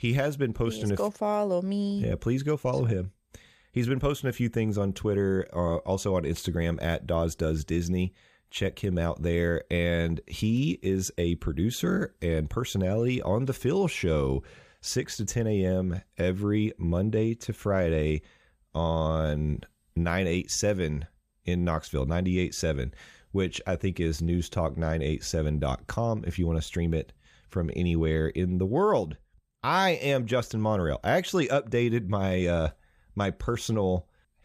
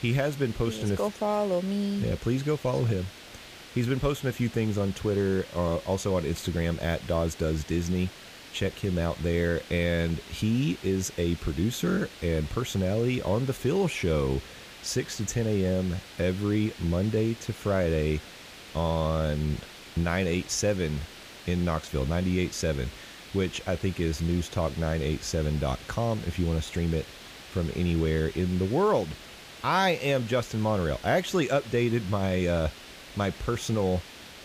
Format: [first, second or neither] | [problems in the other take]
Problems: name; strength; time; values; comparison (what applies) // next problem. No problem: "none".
first | hiss; noticeable; throughout; 15 dB below the speech